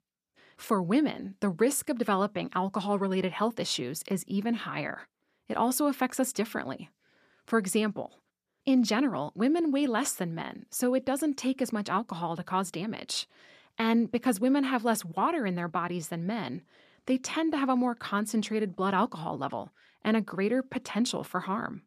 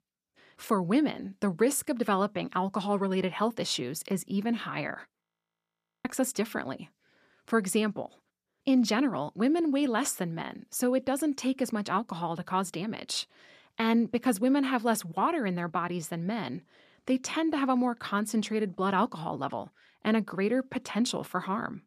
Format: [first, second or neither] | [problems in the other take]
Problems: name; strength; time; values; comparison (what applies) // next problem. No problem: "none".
first | audio freezing; at 5 s for 1 s